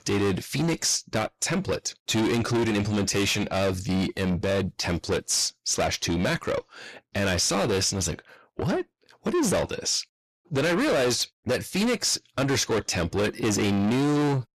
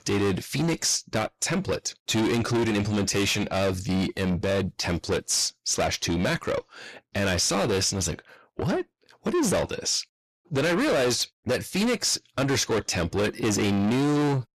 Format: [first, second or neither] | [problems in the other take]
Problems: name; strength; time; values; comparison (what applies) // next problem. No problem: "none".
neither | distortion; heavy; 6 dB below the speech; the same in both